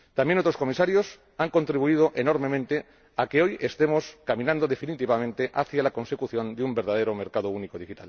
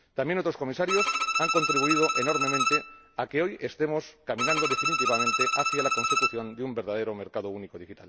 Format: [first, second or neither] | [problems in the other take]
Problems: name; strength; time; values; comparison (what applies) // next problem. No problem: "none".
first | background sound (Bowed string instrument); 3 dB above the speech